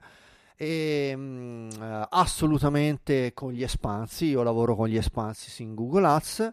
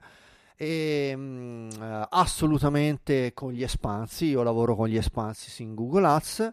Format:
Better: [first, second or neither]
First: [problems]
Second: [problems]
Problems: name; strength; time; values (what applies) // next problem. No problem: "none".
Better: neither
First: none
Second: none